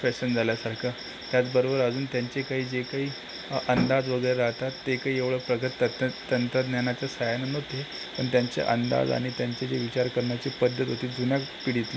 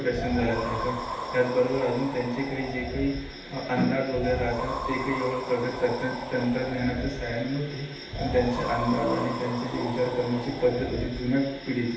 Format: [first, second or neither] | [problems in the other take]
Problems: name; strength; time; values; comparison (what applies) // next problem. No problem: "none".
first | background sound (Wind); 7 dB below the speech // room echo; dies away in 0.9 s